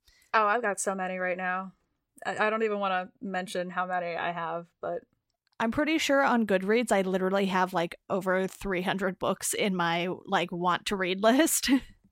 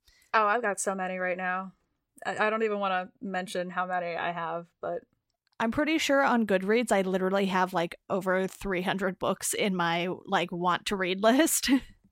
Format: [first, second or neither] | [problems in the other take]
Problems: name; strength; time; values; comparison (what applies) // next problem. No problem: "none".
neither | none